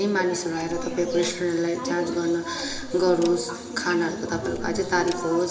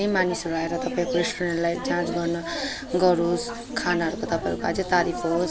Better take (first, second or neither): second